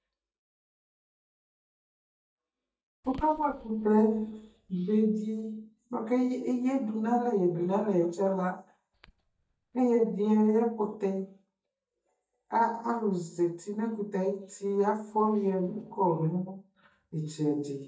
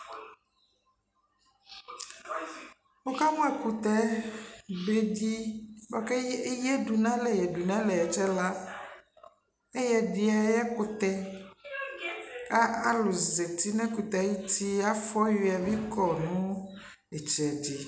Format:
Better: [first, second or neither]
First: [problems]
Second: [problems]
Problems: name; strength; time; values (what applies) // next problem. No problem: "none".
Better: second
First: noise reduction (neural mask model DeepFilterNet 3)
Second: none